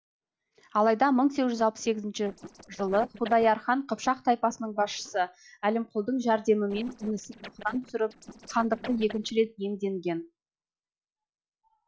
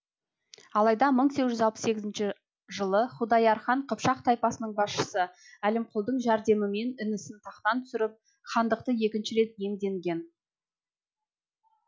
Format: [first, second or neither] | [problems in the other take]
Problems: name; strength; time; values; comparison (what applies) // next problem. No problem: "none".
second | noise reduction (neural separator model SepFormer DNS4)